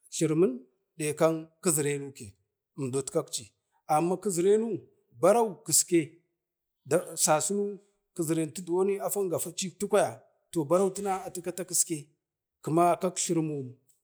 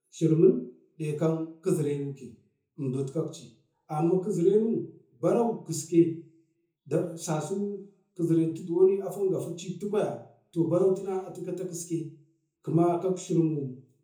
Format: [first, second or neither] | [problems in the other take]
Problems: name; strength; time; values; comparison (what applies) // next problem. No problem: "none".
first | room echo; dies away in 0.6 s